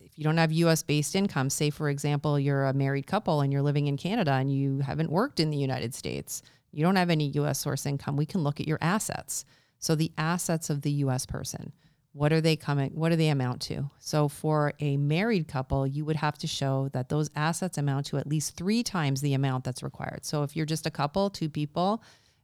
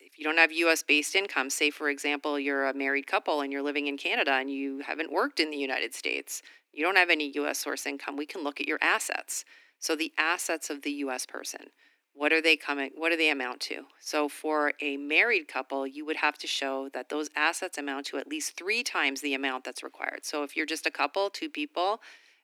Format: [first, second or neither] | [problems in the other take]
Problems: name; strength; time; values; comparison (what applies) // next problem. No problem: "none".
first | thin; somewhat; fading below 300 Hz